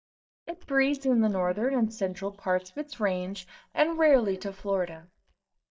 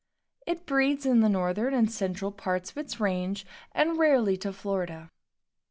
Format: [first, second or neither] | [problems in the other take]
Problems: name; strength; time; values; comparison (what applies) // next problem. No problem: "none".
second | noise reduction (neural mask model DeepFilterNet 3)